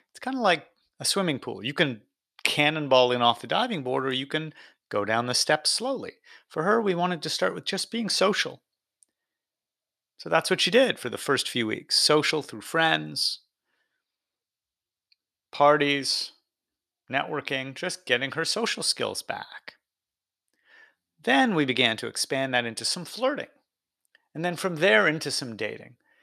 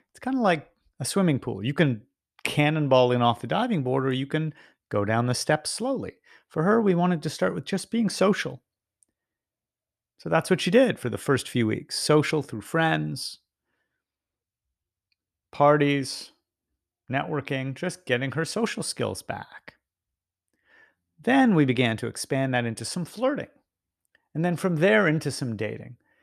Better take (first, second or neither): second